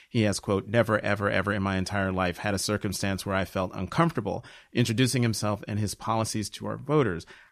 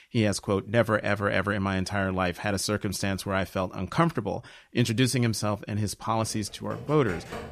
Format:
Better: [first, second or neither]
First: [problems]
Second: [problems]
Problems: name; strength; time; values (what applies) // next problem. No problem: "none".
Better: first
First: none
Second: keyboard typing; faint; from 6 s on; peak 10 dB below the speech